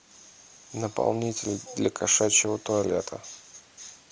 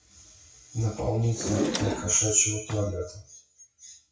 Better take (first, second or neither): first